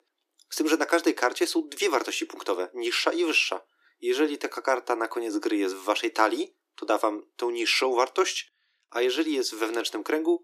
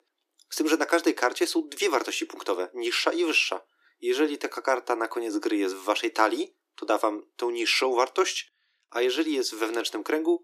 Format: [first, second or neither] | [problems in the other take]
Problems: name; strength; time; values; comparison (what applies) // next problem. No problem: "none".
neither | thin; very; fading below 300 Hz; the same in both